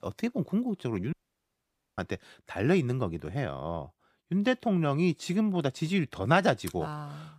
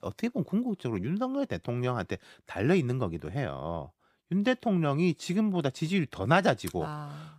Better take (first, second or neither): second